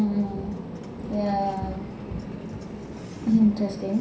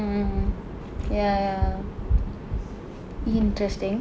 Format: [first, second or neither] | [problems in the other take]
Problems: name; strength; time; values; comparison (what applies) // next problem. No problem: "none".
second | background sound (Vehicle); 15 dB below the speech // room echo; dies away in 0.5 s